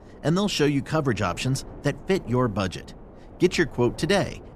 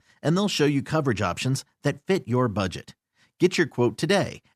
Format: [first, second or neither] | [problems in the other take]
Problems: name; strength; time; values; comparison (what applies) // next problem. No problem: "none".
second | wind noise on the microphone; occasional gusts; 20 dB below the speech